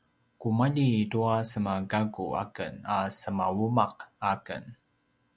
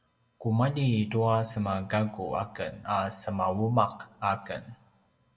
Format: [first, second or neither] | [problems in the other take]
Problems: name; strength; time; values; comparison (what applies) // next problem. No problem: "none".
first | room echo; dies away in 0.6 s